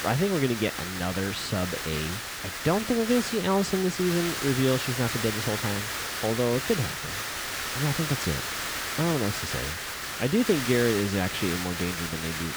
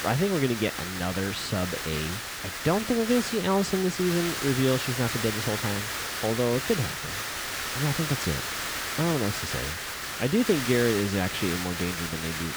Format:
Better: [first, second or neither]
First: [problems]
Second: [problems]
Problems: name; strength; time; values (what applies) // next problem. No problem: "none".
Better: neither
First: hiss; loud; throughout; 3 dB below the speech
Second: hiss; loud; throughout; 3 dB below the speech